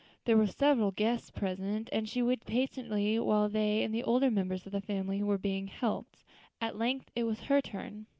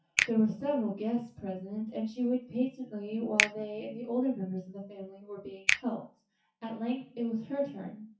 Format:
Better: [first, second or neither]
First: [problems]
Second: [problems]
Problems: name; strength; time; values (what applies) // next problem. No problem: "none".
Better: first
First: none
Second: noise reduction (classical method WPE with log-MMSE)